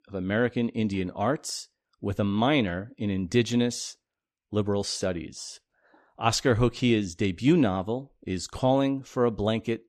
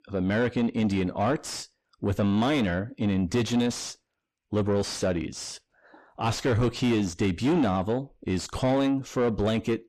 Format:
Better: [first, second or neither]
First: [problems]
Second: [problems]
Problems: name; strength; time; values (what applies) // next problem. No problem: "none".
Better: first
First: none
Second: distortion; heavy; 7 dB below the speech